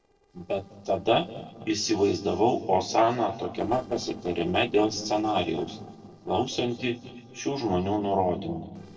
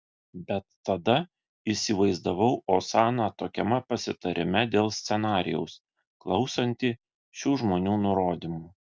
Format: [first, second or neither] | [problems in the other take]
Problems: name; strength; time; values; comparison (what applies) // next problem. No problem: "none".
second | noise reduction (neural separator model SepFormer DNS4)